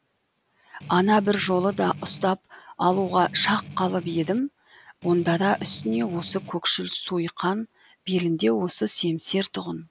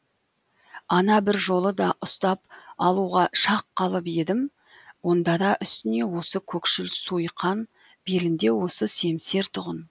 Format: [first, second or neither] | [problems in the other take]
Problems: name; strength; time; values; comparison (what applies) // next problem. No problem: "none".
second | background sound (Strum); 15 dB below the speech